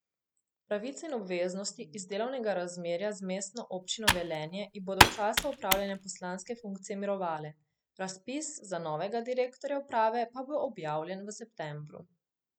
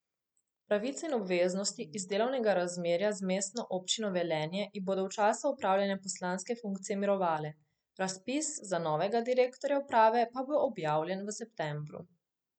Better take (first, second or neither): second